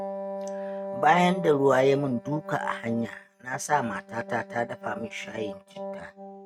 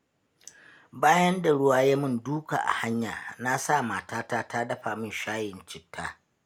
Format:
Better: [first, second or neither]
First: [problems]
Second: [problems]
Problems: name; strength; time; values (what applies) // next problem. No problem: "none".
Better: second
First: noise reduction (neural mask model RNNoise)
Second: none